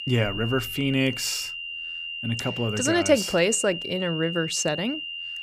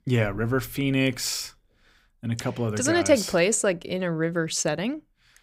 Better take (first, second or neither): second